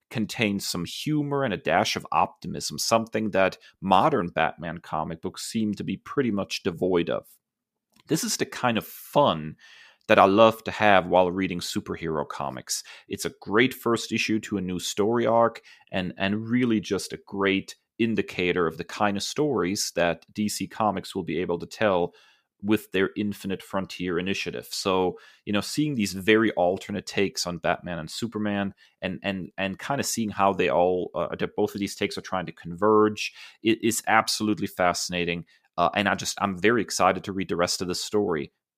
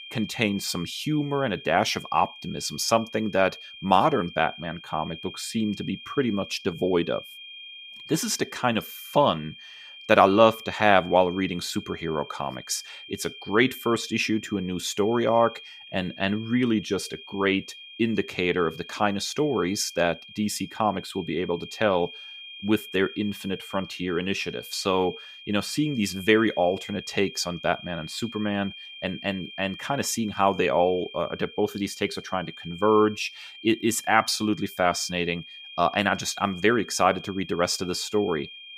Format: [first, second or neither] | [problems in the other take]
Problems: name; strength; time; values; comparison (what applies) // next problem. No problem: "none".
first | high-pitched whine; noticeable; throughout; 3 kHz, 15 dB below the speech